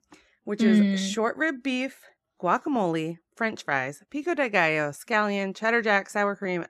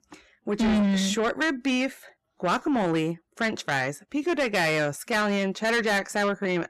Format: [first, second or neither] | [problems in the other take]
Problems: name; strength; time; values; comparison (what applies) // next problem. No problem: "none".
first | distortion; heavy; 7 dB below the speech